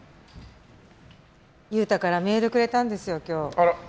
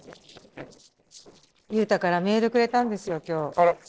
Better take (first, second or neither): first